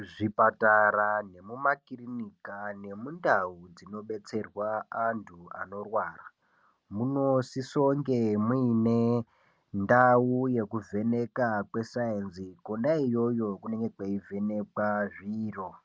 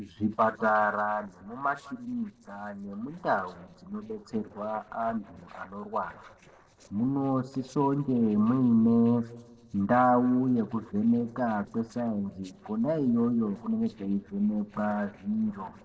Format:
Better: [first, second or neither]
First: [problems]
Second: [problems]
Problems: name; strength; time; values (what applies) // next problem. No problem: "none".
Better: first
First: none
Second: noise reduction (neural separator model SepFormer DNS4)